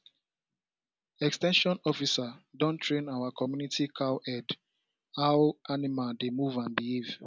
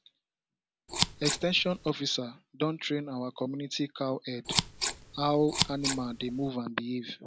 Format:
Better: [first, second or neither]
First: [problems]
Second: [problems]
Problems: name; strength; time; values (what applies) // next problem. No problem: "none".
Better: first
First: none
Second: background sound (Scissors); 1 dB below the speech